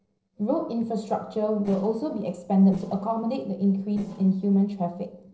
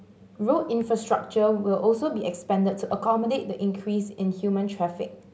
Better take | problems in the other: second | noise reduction (neural separator model SepFormer DNS4)

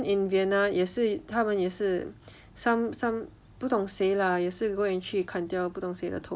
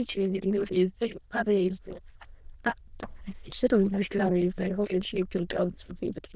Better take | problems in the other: first | noise reduction (neural diffusion model UNIVERSE++)

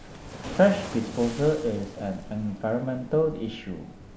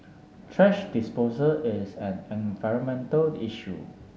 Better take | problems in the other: second | background sound (Waves, surf); 14 dB below the speech

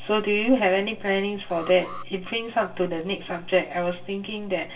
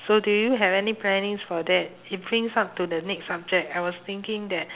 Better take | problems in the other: second | background sound (Alarm); 19 dB below the speech // room echo; dies away in 0.1 s

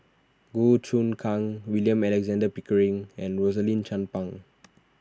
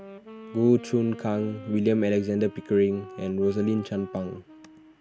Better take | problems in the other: first | background sound (Wind instrument, woodwind instrument); 18 dB below the speech

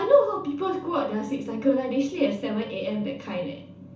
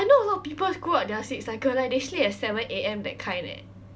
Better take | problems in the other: second | room echo; dies away in 0.9 s

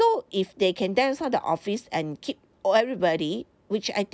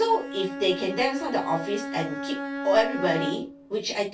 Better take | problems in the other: first | background sound (Bowed string instrument); 7 dB below the speech // room echo; dies away in 0.1 s

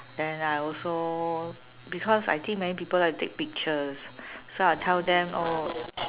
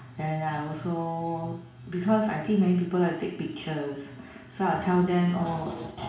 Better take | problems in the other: first | room echo; dies away in 0.6 s

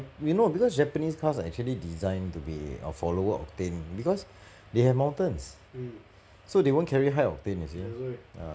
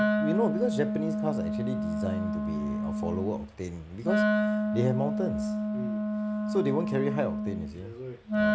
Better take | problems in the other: first | background sound (Wind instrument, woodwind instrument); 3 dB above the speech

